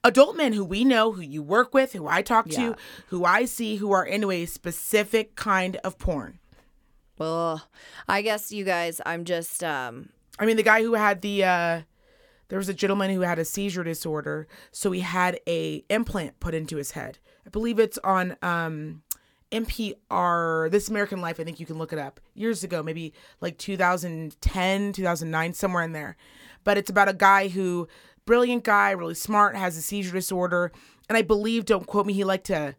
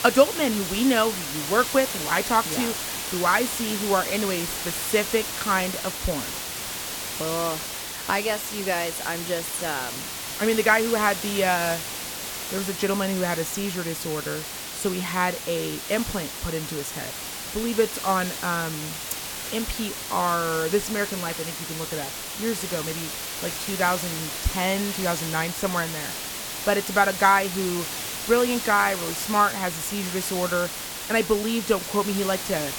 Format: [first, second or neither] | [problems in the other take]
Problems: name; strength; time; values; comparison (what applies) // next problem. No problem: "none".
first | hiss; loud; throughout; 4 dB below the speech